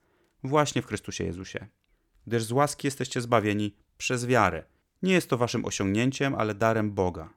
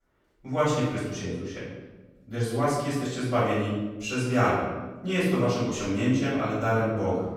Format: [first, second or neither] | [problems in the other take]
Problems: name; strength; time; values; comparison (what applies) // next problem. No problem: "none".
first | off-mic speech; far // room echo; strong; dies away in 1.1 s